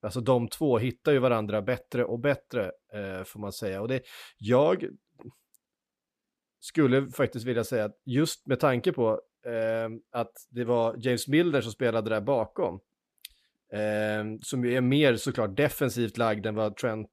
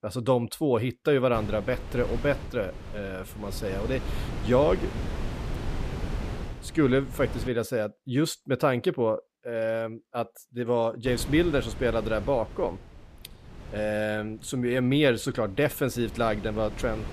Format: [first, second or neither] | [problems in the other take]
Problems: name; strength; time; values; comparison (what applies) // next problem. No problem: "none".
first | wind noise on the microphone; occasional gusts; from 1.5 to 7.5 s and from 11 s on; 15 dB below the speech